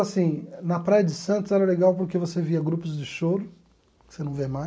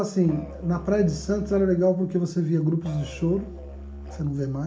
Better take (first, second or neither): first